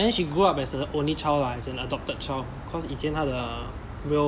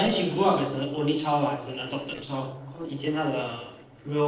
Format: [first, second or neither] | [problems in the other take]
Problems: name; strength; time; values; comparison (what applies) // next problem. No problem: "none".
first | noise reduction (neural separator model SepFormer DNS4)